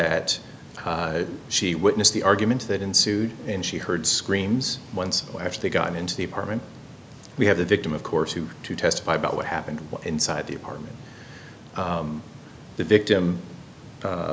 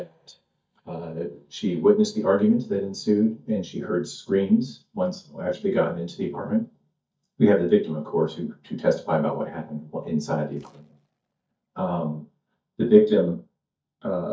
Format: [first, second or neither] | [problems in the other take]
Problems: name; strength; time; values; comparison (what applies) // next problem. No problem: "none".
first | noise reduction (neural mask model DeepFilterNet 3)